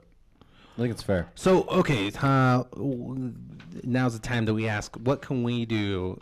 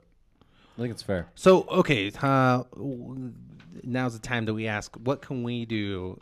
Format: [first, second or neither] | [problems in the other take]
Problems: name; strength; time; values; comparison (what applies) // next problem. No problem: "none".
second | distortion; heavy; 6 dB below the speech